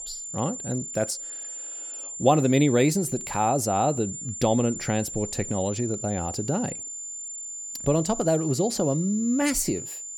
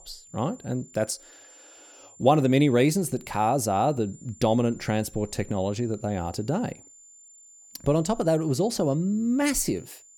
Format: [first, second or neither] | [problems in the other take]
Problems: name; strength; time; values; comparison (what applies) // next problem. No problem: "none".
second | high-pitched whine; loud; throughout; 7 kHz, 8 dB below the speech; faint in the second